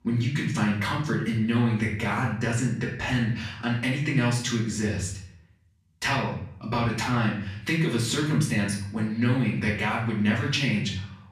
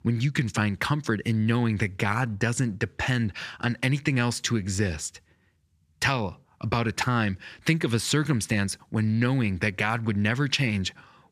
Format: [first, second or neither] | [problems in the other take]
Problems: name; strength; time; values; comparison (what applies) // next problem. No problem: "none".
second | off-mic speech; far // room echo; noticeable; dies away in 0.5 s